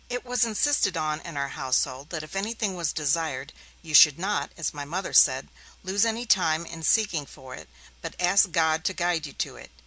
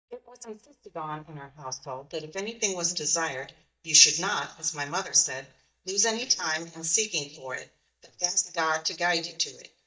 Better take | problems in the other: first | noise reduction (neural mask model DeepFilterNet 3)

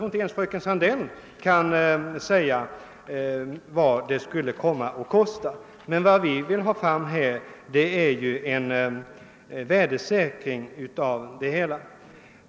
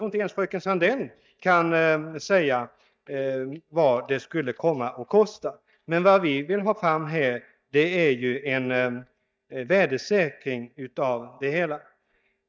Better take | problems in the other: first | noise reduction (neural mask model DeepFilterNet 3)

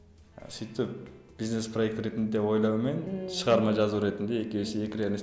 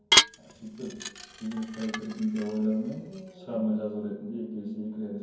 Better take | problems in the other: first | background sound (Dishes, pots, and pans / Glass); 3 dB above the speech // room echo; dies away in 0.6 s

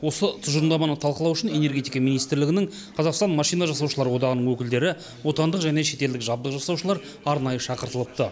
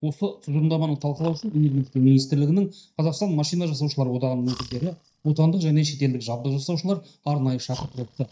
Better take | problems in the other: first | noise reduction (neural mask model DeepFilterNet 3)

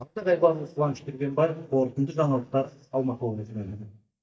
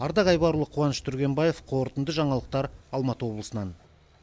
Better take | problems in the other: second | noise reduction (neural mask model DeepFilterNet 3)

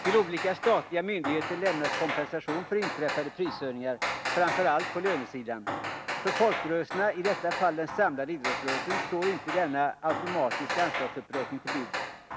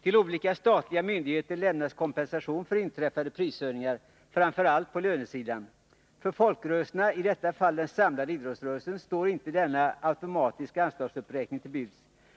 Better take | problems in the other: second | background sound (Hammer); 5 dB below the speech

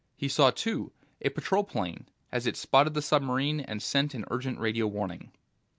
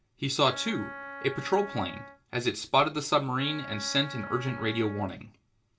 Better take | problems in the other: first | background sound (Wind instrument, woodwind instrument); 13 dB below the speech // room echo; dies away in 0.2 s

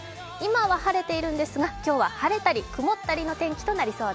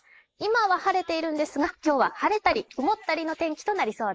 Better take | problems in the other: first | noise reduction (neural mask model Resemble Enhance denoiser)

